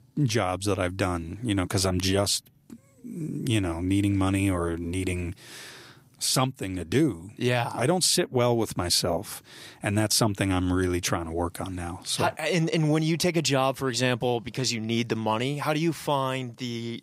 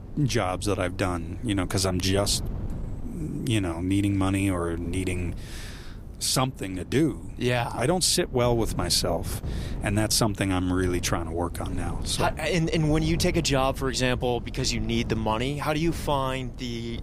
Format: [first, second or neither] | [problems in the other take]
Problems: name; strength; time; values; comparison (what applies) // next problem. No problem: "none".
first | wind noise on the microphone; occasional gusts; 20 dB below the speech